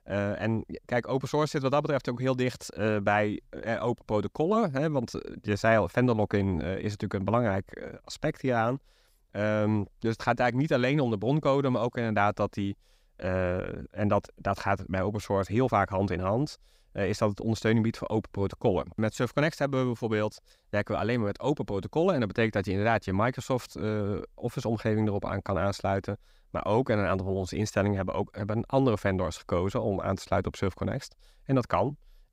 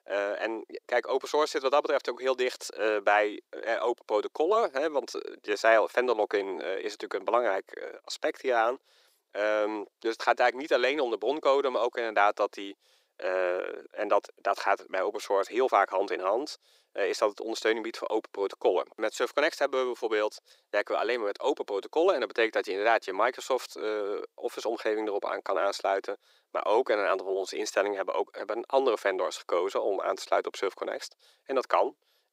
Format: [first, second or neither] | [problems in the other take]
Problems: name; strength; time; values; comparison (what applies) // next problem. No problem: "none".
first | thin; very; fading below 350 Hz